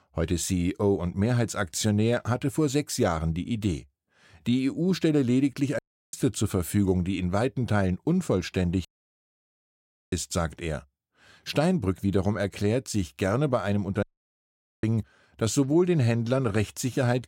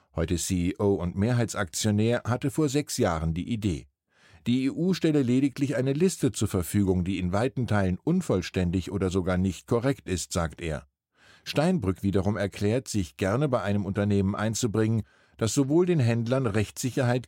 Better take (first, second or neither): second